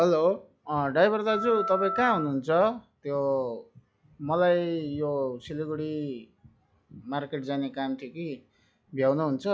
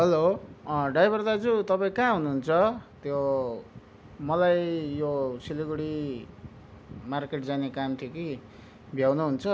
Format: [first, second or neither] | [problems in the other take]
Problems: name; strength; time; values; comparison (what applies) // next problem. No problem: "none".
second | noise reduction (classical method log-MMSE)